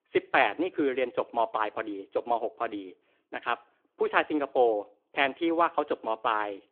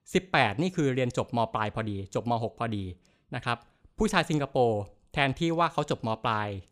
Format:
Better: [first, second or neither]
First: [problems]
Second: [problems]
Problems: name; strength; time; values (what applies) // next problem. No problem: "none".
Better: second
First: phone-call audio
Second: none